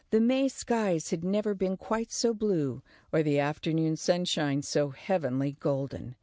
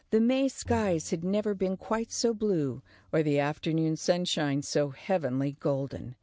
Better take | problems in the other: first | background sound (Bowed string instrument); 19 dB below the speech

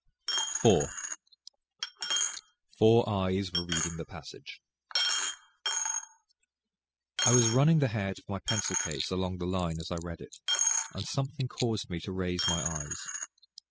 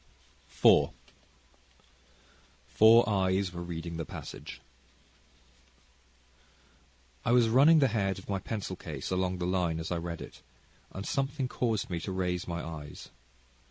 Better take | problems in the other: second | noise reduction (classical method spectral subtraction)

